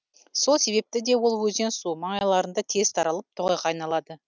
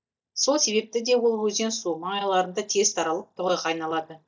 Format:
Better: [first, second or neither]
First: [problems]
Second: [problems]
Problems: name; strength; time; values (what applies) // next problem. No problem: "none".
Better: first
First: none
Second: noise reduction (neural mask model DeepFilterNet 3)